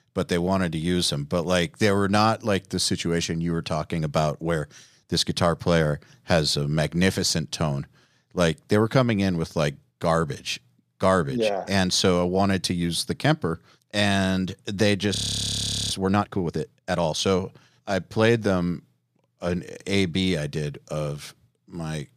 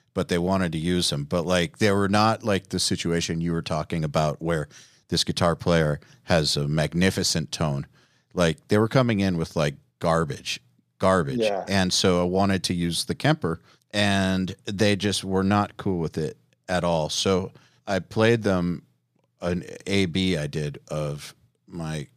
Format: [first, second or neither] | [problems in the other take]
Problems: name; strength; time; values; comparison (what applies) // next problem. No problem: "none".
second | audio freezing; at 15 s for 1 s